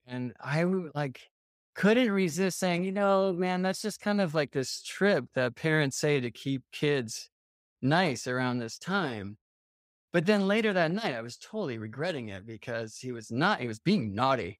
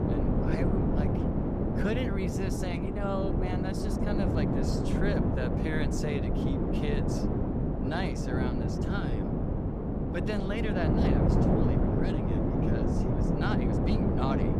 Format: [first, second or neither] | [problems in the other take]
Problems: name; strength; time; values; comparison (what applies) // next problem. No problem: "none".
first | wind noise on the microphone; heavy; 3 dB above the speech